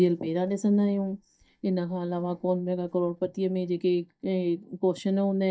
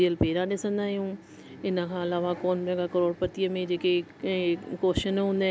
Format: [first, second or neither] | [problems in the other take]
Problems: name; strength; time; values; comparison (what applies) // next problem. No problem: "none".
second | noise reduction (neural mask model DeepFilterNet 3)